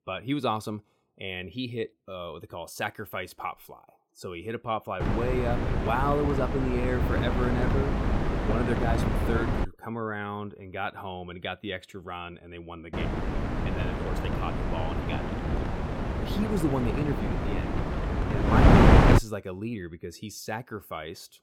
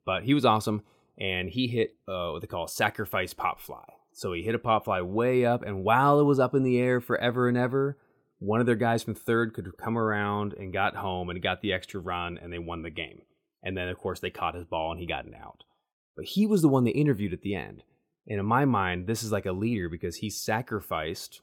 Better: second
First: wind noise on the microphone; heavy; from 5 to 9.5 s and from 13 to 19 s; 3 dB above the speech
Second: none

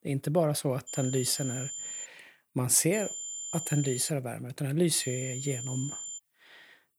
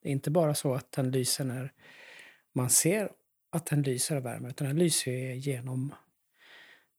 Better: second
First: high-pitched whine; loud; from 1 to 2 s, from 3 to 4 s and from 5 to 6 s; 7 kHz, 7 dB below the speech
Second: none

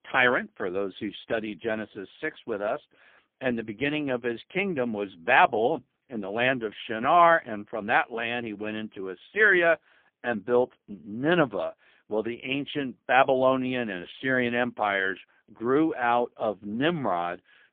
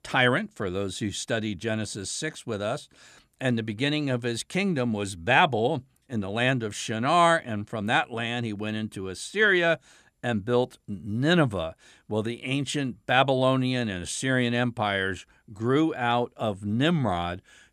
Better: second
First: phone-call audio; poor line; nothing above 3.5 kHz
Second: none

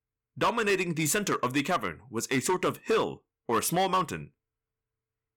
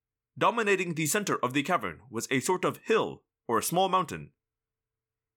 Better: second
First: distortion; slight; 5% of the sound clipped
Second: none

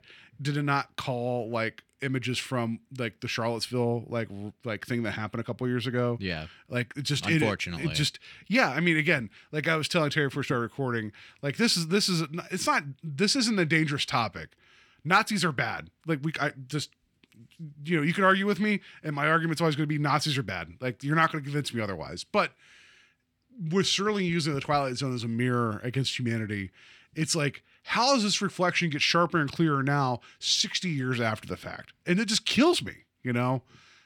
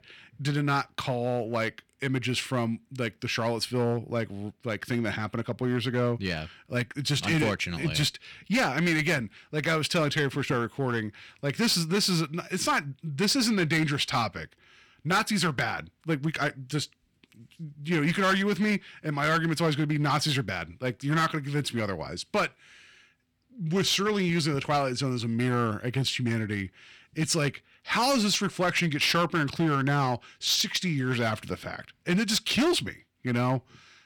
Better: first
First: none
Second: distortion; slight; 6% of the sound clipped

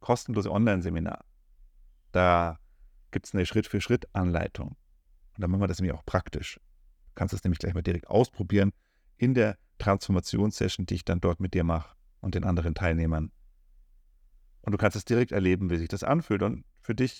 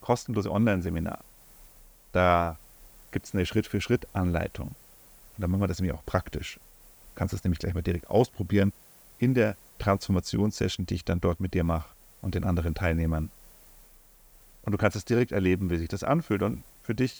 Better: first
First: none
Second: hiss; faint; throughout; 25 dB below the speech

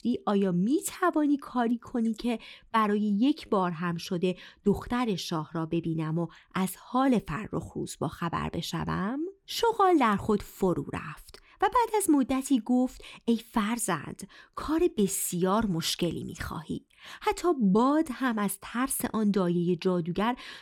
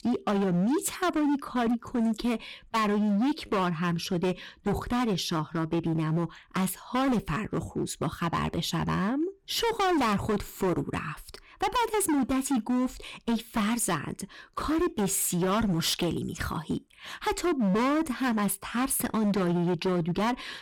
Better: first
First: none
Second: distortion; heavy; 19% of the sound clipped

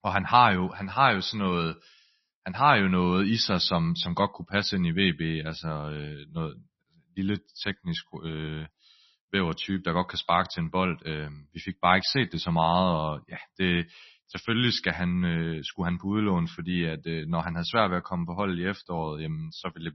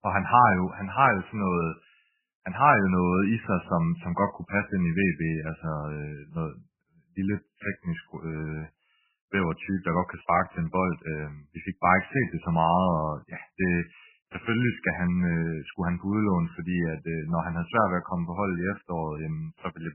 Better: first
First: garbled, watery; slightly; nothing above 5.5 kHz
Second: garbled, watery; badly; nothing above 3 kHz

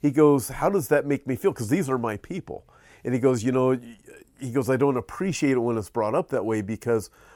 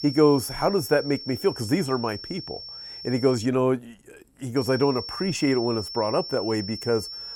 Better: first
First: none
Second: high-pitched whine; noticeable; until 3.5 s and from 4.5 s on; 5.5 kHz, 10 dB below the speech

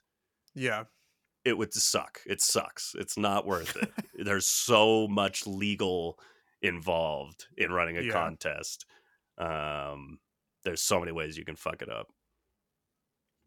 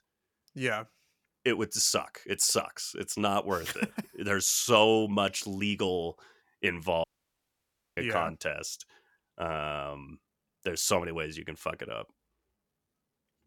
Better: first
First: none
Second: audio cutting out; at 7 s for 1 s

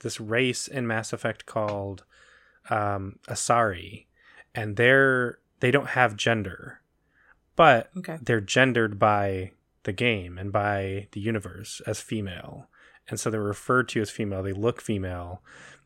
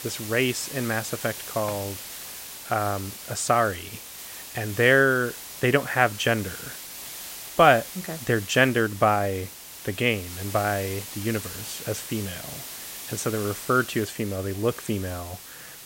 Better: first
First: none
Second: hiss; noticeable; throughout; 10 dB below the speech

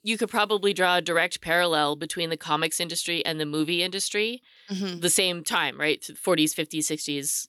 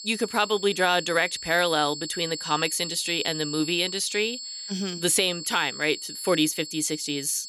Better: first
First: none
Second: high-pitched whine; loud; throughout; 4.5 kHz, 9 dB below the speech

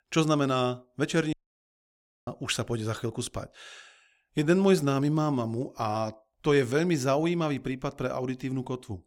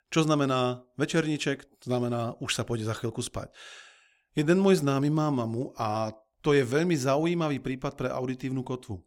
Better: second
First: audio cutting out; at 1.5 s for 1 s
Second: none

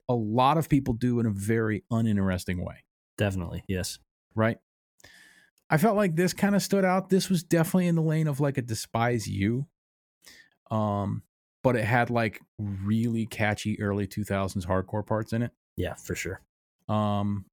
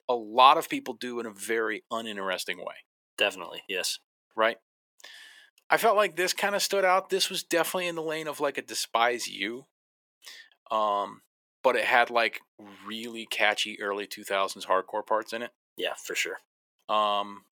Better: first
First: none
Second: thin; very; fading below 450 Hz

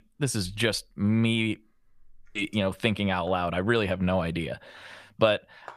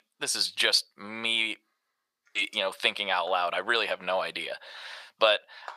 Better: first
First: none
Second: thin; very; fading below 750 Hz

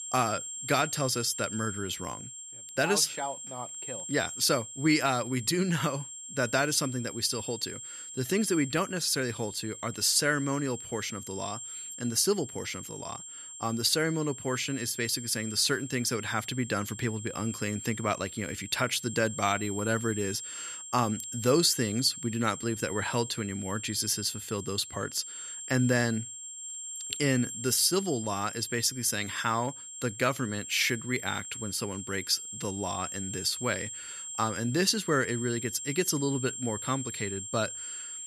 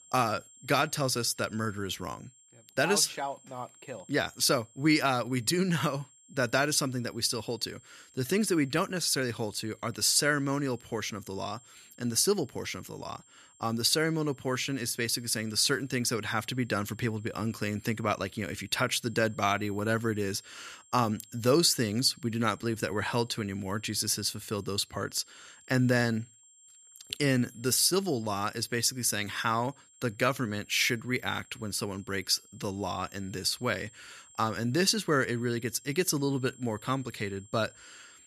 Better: second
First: high-pitched whine; loud; throughout; 7.5 kHz, 9 dB below the speech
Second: high-pitched whine; faint; throughout; 7.5 kHz, 25 dB below the speech

